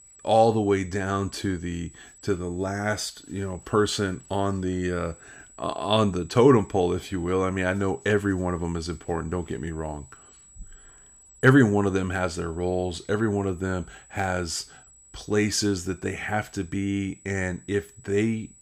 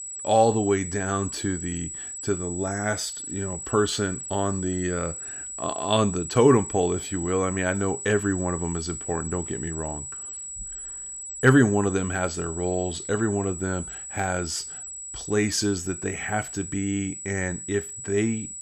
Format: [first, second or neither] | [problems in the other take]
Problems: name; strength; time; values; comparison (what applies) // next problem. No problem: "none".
first | high-pitched whine; loud; throughout; 8 kHz, 8 dB below the speech; faint in the first